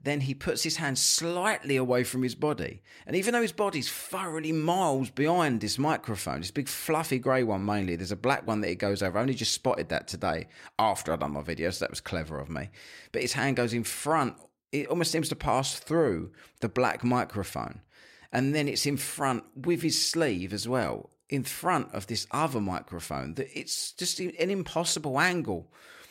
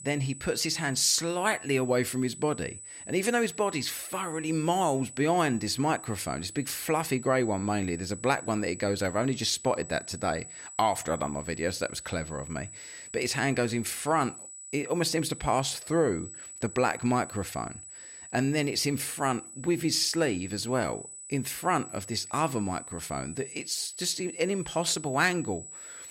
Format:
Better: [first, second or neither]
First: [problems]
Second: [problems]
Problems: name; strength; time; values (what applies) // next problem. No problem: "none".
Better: first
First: none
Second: high-pitched whine; noticeable; throughout; 8 kHz, 15 dB below the speech